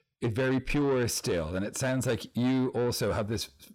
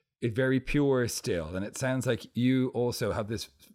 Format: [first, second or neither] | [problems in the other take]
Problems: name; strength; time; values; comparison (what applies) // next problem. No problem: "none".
second | distortion; slight; 10 dB below the speech